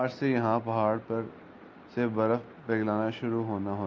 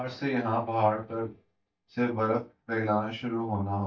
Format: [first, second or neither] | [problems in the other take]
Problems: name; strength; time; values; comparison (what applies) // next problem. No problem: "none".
first | noise reduction (neural mask model DeepFilterNet 3)